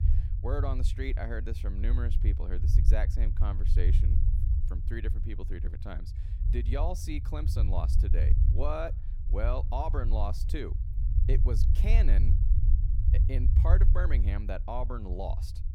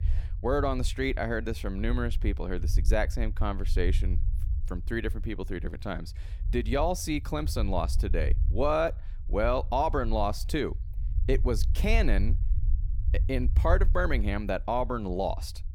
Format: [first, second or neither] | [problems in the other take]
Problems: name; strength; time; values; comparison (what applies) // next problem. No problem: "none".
second | low rumble; loud; throughout; 8 dB below the speech; faint in the second